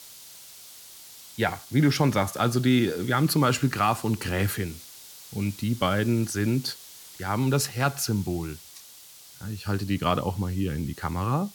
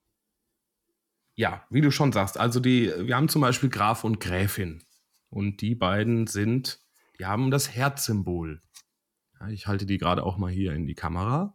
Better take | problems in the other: second | hiss; noticeable; throughout; 20 dB below the speech

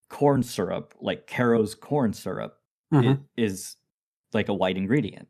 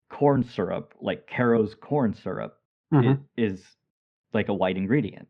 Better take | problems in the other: first | muffled; slightly; fading above 3 kHz

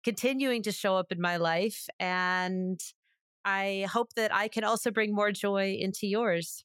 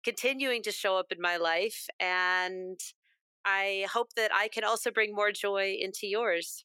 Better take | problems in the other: first | thin; somewhat; fading below 350 Hz

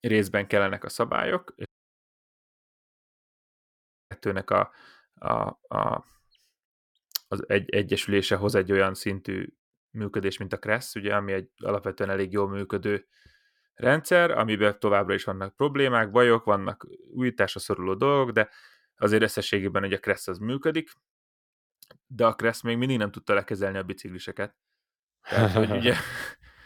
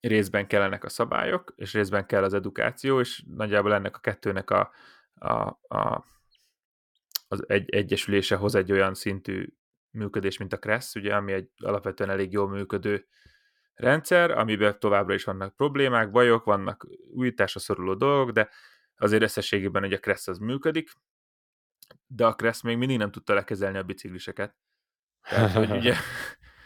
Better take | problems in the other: second | audio cutting out; at 1.5 s for 2.5 s

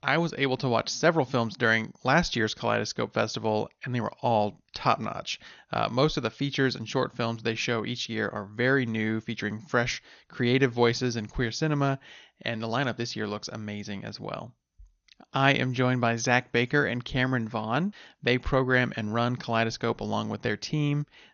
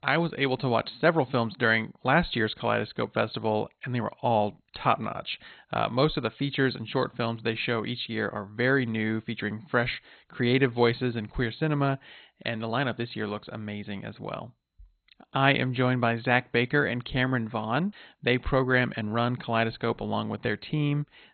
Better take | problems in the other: first | garbled, watery; badly; nothing above 4 kHz; slightly in the first

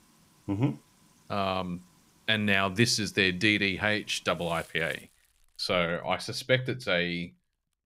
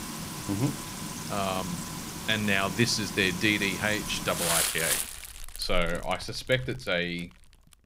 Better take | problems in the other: first | household noises; loud; throughout; 4 dB below the speech; faint in the first

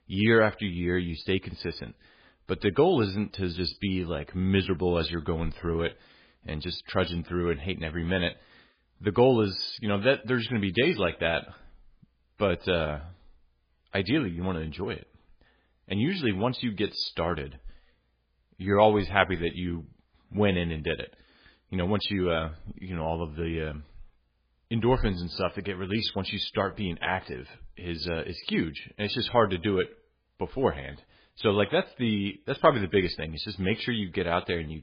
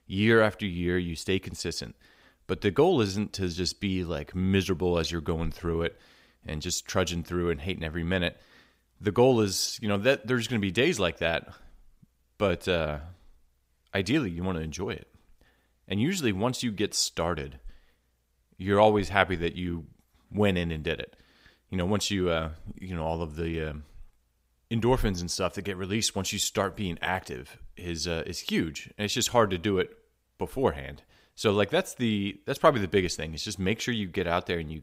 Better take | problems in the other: second | garbled, watery; badly; nothing above 5 kHz

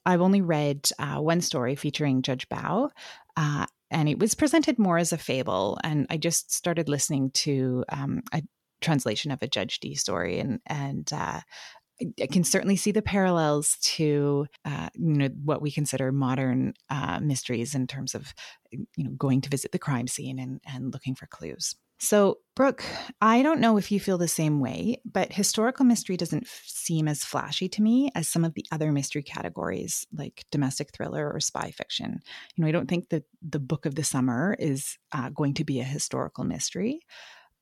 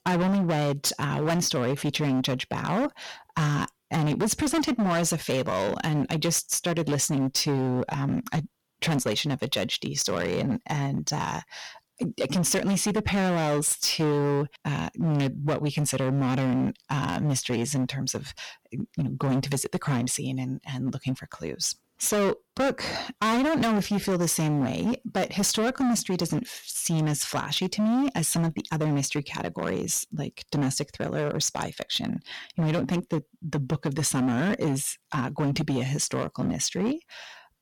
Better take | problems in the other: first | distortion; heavy; 16% of the sound clipped

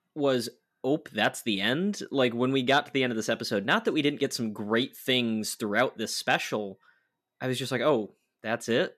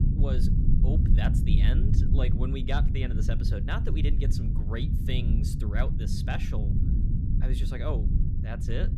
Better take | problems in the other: first | low rumble; loud; throughout; 2 dB below the speech

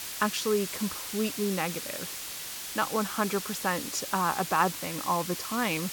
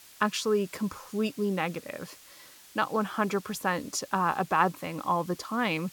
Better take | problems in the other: second | hiss; loud; throughout; 5 dB below the speech; faint in the second

